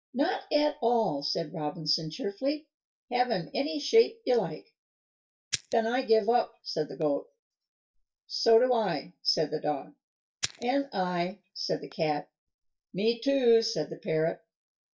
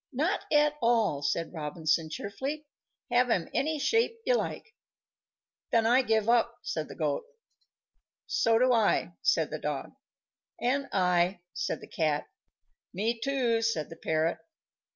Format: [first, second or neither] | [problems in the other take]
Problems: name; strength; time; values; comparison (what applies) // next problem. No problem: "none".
second | noise reduction (neural mask model DeepFilterNet 3)